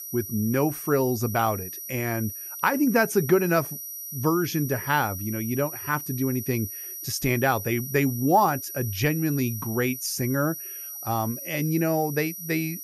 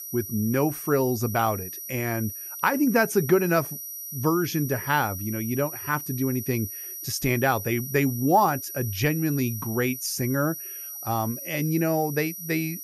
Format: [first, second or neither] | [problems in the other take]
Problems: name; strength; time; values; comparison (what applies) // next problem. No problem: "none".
neither | high-pitched whine; loud; throughout; 12 kHz, 8 dB below the speech; the same in both